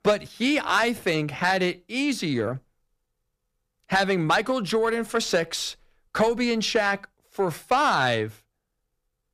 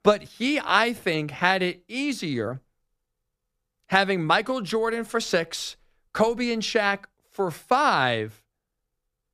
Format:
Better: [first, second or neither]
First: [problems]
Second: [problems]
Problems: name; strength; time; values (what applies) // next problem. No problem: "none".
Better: second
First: distortion; slight; 10 dB below the speech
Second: none